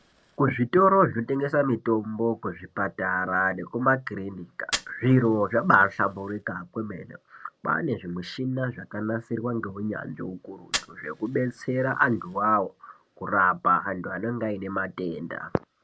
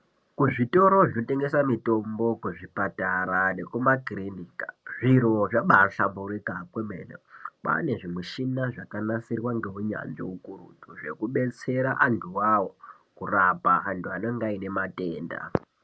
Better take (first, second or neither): second